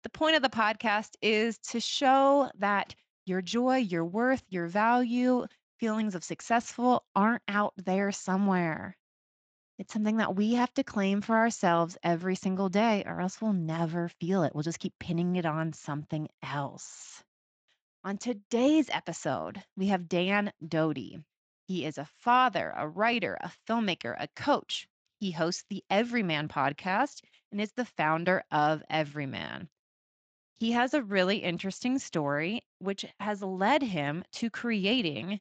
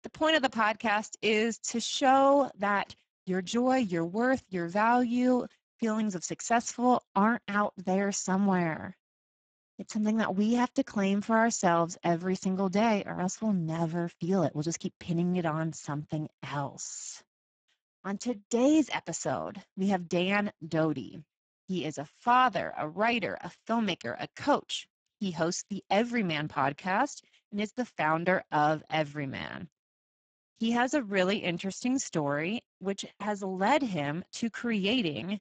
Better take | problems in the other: first | garbled, watery; badly; nothing above 7.5 kHz; slightly in the first

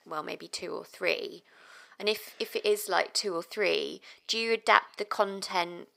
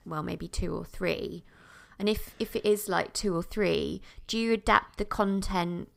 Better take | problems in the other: second | thin; somewhat; fading below 450 Hz

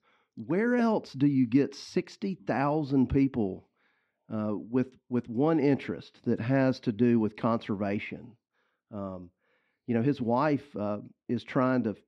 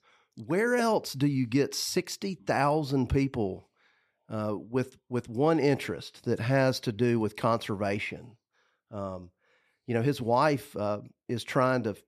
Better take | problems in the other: second | muffled; slightly; fading above 3.5 kHz

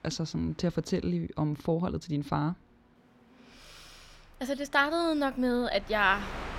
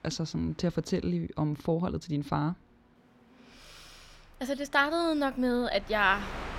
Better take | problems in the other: neither | train or aircraft noise; noticeable; throughout; 20 dB below the speech; the same in both

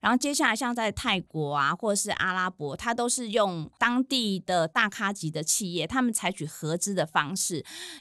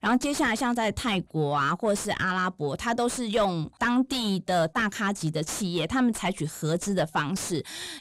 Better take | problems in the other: first | distortion; heavy; 7 dB below the speech

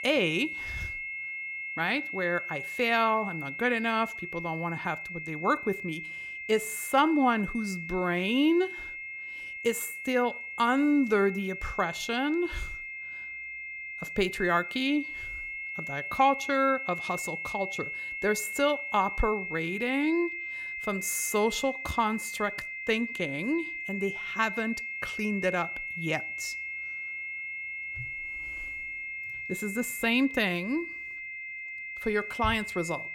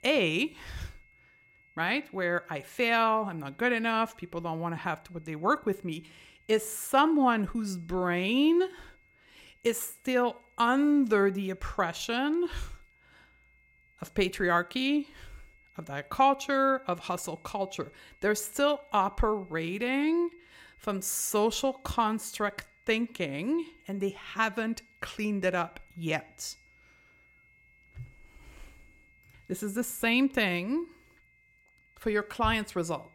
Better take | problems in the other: second | high-pitched whine; loud; throughout; 2 kHz, 6 dB below the speech; faint in the second

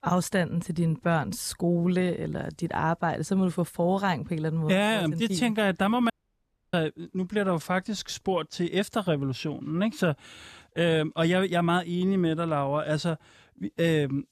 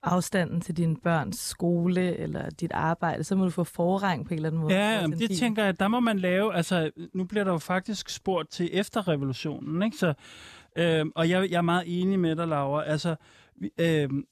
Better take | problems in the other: second | audio cutting out; at 6 s for 0.5 s

